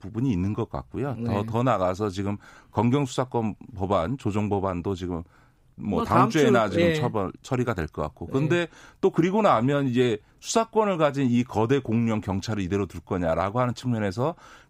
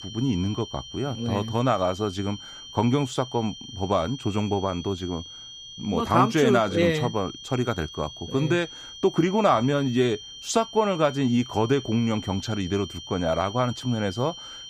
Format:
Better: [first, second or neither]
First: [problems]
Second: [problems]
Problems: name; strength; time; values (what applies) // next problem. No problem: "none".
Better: first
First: none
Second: high-pitched whine; noticeable; throughout; 3 kHz, 15 dB below the speech